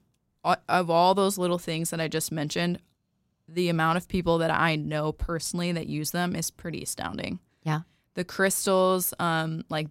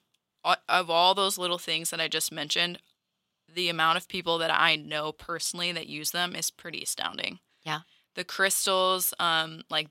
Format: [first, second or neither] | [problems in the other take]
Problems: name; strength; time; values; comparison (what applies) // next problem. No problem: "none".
first | thin; somewhat; fading below 800 Hz